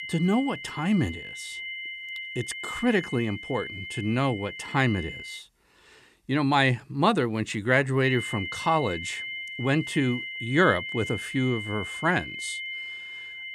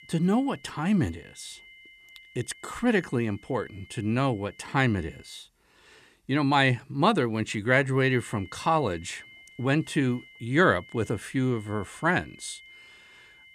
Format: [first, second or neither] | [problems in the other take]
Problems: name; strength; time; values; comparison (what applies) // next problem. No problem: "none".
second | high-pitched whine; loud; until 5.5 s and from 8 s on; 2 kHz, 8 dB below the speech; faint in the second